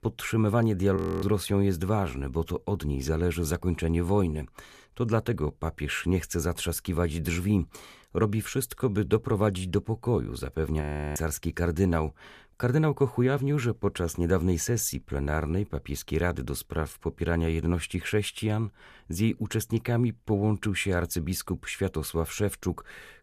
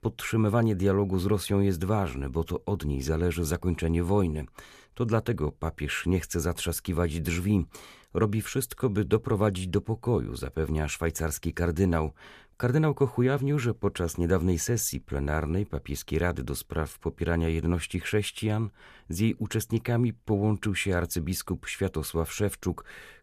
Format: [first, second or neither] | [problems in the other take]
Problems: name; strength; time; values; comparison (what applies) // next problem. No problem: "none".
second | audio freezing; at 1 s and at 11 s